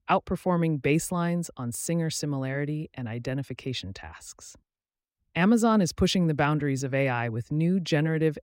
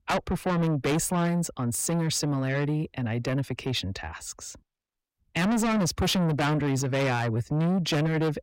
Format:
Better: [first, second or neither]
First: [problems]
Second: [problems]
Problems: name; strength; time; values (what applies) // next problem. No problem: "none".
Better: first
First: none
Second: distortion; heavy; 6 dB below the speech